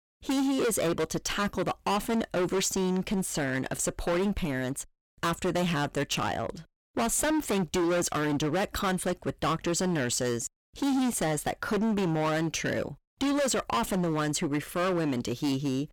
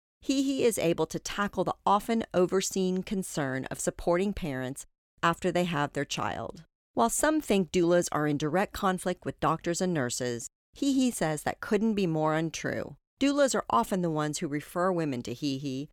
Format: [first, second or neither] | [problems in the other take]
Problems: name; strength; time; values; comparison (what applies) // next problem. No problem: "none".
second | distortion; heavy; 22% of the sound clipped